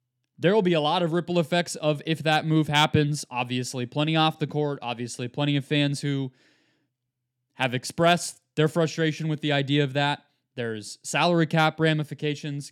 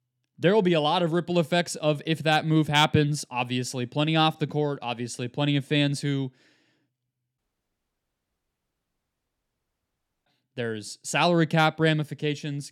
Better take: first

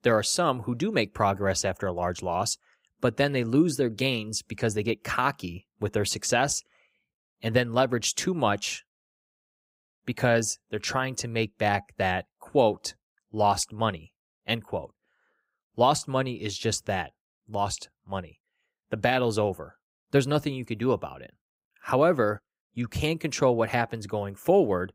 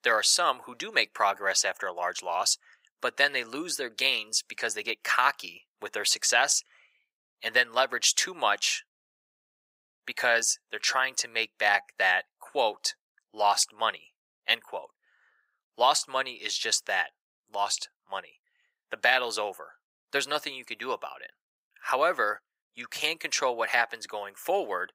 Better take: first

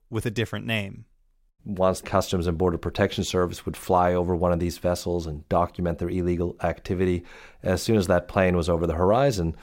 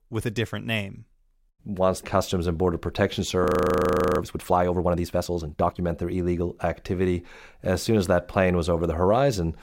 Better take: first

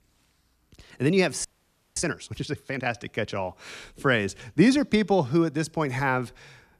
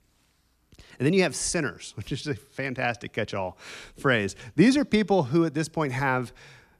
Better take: second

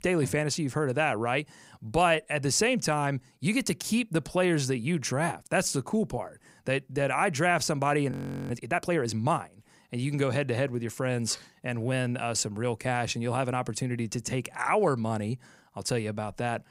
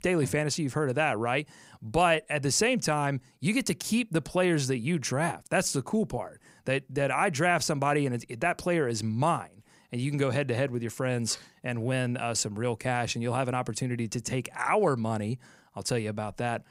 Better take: second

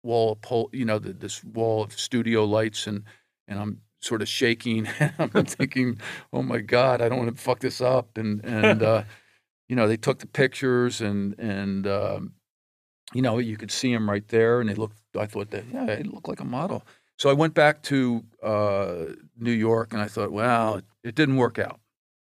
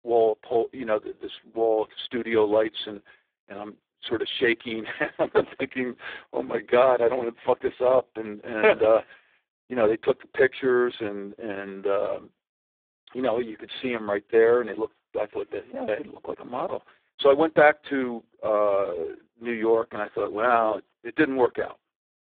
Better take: first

